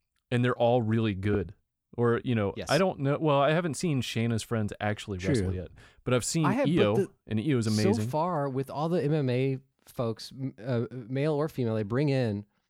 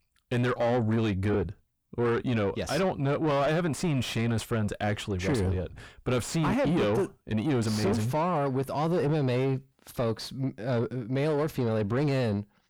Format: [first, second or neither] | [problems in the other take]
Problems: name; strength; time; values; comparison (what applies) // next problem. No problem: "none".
first | distortion; heavy; 7 dB below the speech